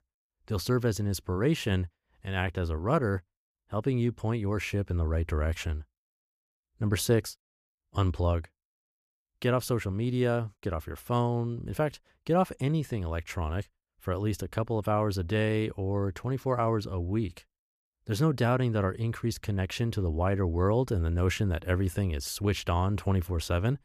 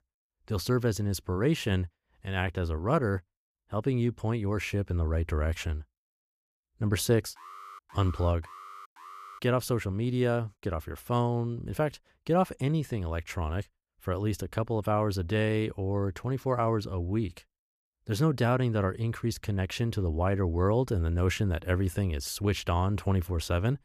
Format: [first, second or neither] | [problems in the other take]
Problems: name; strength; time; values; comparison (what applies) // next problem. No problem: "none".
first | alarm; faint; from 7.5 to 9.5 s; peak 15 dB below the speech